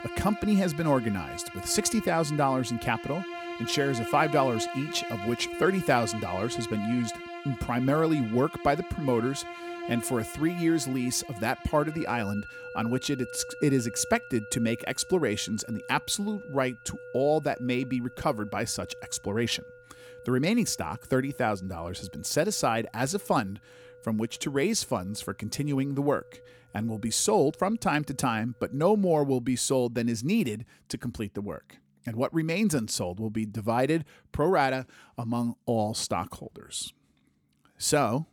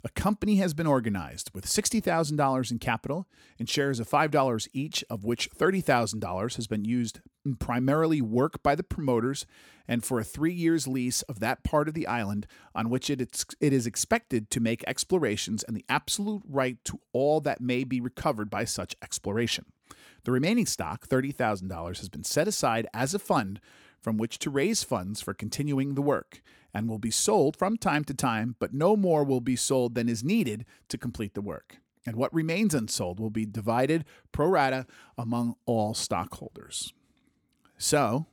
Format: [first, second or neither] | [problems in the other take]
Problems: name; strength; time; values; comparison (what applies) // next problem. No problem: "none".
second | background music; noticeable; throughout; 10 dB below the speech